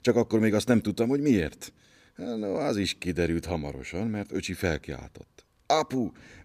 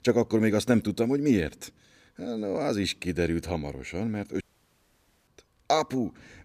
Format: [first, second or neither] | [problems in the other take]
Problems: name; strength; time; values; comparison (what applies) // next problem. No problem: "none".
first | audio cutting out; at 4.5 s for 1 s